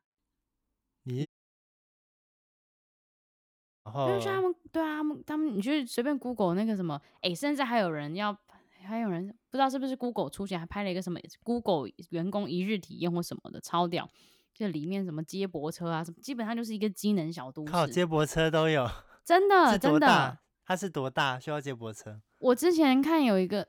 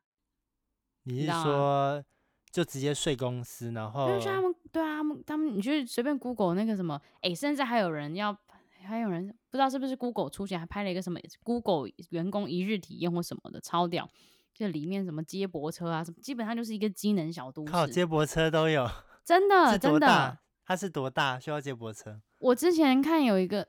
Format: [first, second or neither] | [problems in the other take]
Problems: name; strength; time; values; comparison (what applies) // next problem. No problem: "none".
second | audio cutting out; at 1.5 s for 2.5 s